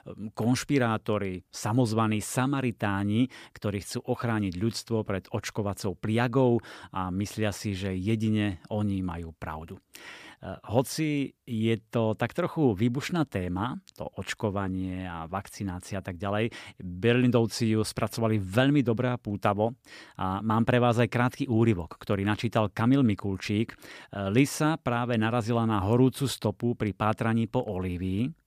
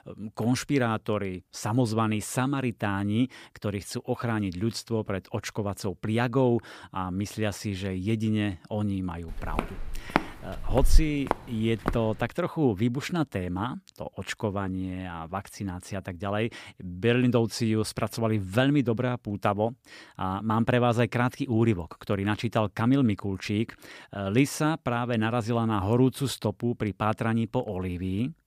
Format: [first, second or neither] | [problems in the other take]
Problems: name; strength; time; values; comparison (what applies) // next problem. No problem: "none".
first | footsteps; loud; from 9.5 to 12 s; peak 1 dB above the speech